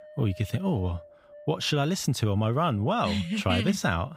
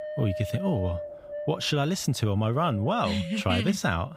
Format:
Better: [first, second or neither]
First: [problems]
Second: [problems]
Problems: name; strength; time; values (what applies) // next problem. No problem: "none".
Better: first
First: wind noise on the microphone; occasional gusts; 20 dB below the speech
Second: wind noise on the microphone; heavy; 8 dB below the speech